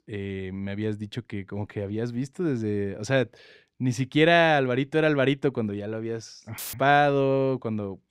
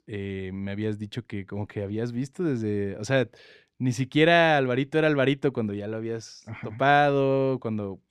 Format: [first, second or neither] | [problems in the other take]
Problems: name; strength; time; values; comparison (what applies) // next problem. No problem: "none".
second | audio cutting out; filled with static; at 6.5 s